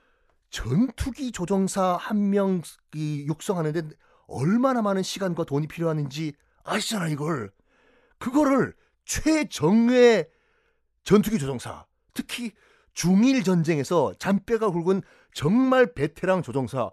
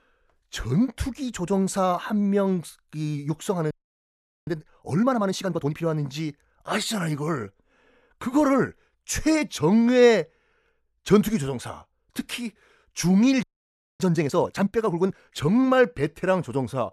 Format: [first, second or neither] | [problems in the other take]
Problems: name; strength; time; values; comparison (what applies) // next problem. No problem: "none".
first | audio freezing; at 3.5 s for 1 s and at 13 s for 0.5 s